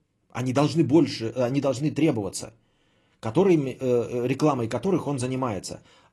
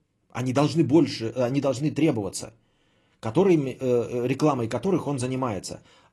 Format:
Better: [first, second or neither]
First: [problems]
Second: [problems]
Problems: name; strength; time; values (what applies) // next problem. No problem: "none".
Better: neither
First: garbled, watery; slightly; nothing above 11.5 kHz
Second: garbled, watery; slightly; nothing above 11.5 kHz